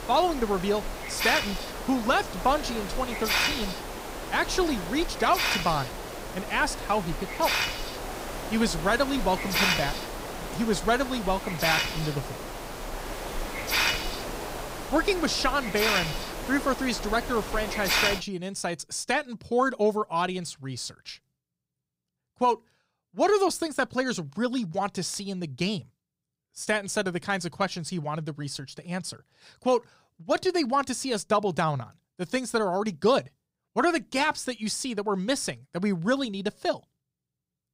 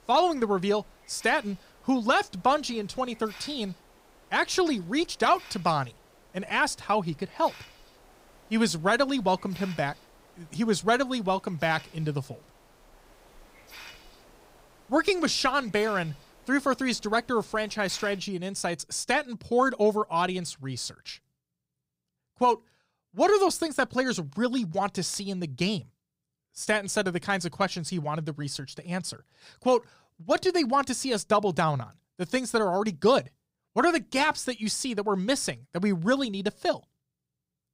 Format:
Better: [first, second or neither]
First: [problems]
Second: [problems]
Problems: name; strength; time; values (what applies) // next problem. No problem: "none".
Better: second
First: hiss; loud; until 18 s; 2 dB below the speech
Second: hiss; faint; until 18 s; 25 dB below the speech